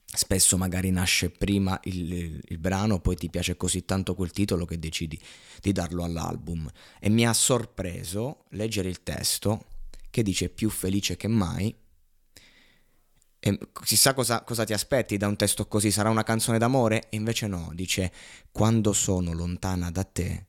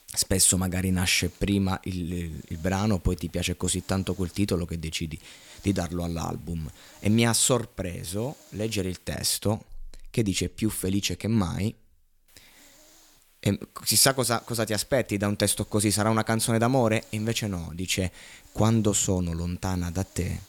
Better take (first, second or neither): first